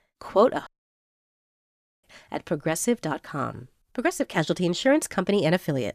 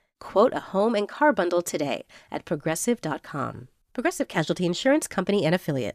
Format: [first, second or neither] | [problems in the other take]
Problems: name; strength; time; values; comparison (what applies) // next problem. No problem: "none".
second | audio cutting out; at 0.5 s for 1.5 s